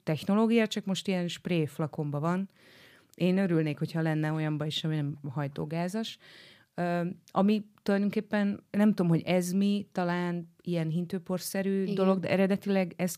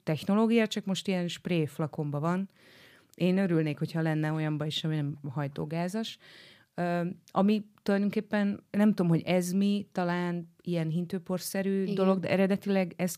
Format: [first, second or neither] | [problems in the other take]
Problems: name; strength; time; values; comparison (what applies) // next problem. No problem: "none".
neither | none